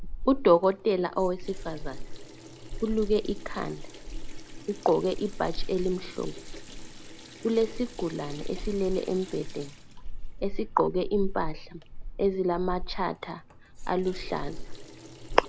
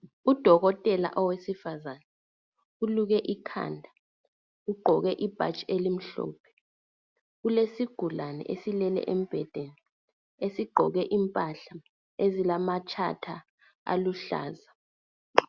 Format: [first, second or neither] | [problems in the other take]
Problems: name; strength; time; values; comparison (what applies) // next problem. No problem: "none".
second | background sound (Sink (filling or washing) / Water tap, faucet); 5 dB below the speech